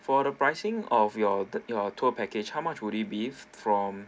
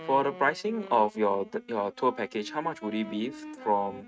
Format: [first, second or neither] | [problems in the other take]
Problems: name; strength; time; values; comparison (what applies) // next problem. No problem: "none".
first | noise reduction (neural mask model RNNoise)